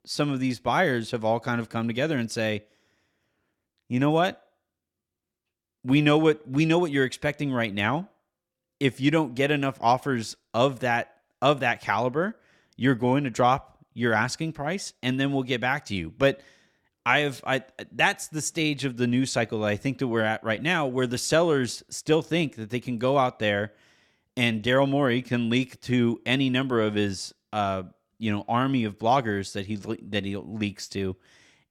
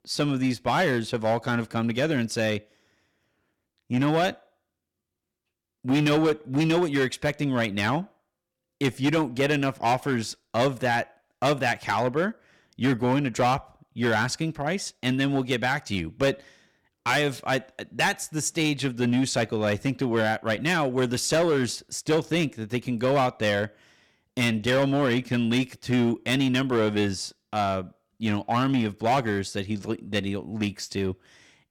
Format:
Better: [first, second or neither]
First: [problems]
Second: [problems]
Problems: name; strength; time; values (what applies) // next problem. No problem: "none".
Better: first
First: none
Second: distortion; slight; 7% of the sound clipped